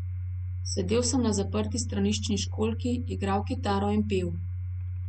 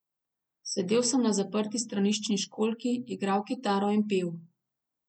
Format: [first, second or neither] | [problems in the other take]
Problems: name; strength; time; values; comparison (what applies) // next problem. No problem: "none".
second | background sound (Domestic sounds, home sounds); 3 dB below the speech